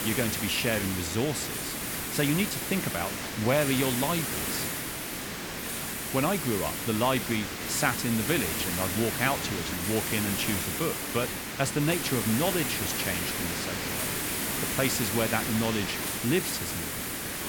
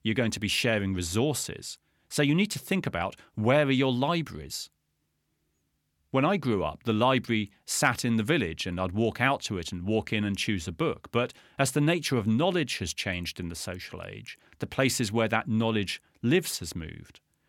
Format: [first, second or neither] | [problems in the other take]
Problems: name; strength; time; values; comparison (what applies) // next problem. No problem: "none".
second | hiss; loud; throughout; 1 dB below the speech